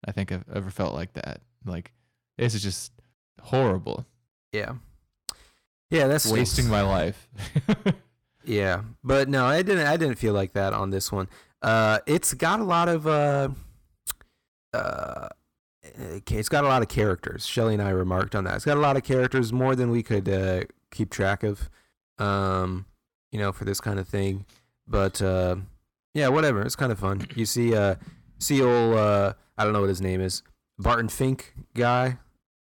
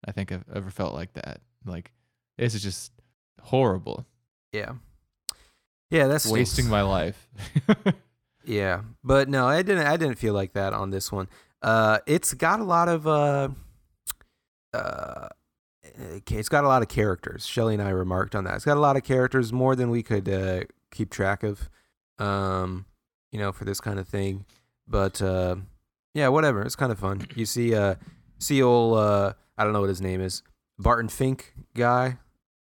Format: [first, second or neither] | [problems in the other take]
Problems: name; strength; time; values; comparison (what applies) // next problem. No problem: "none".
second | distortion; slight; 10 dB below the speech